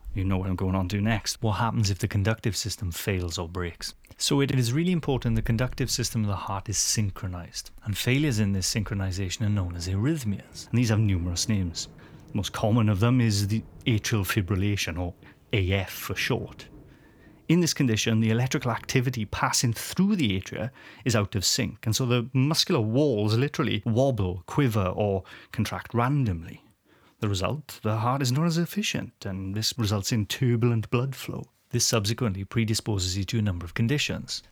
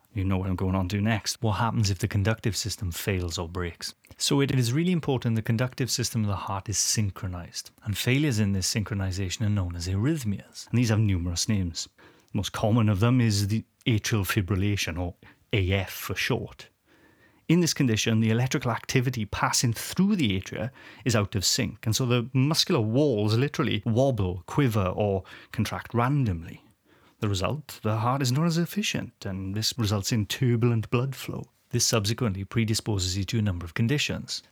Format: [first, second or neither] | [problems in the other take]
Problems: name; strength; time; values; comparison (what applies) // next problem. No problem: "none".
second | rain or running water; faint; throughout; 25 dB below the speech